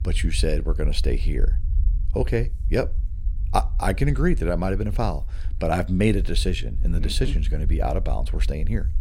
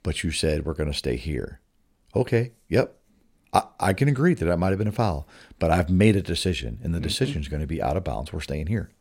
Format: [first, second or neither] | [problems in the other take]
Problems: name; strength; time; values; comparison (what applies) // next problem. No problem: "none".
second | low rumble; faint; throughout; 20 dB below the speech